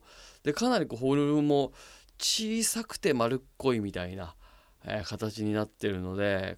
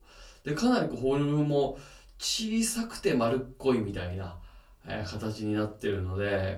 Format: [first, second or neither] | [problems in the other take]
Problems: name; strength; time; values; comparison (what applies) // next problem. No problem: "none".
first | off-mic speech; far // room echo; very slight; dies away in 0.3 s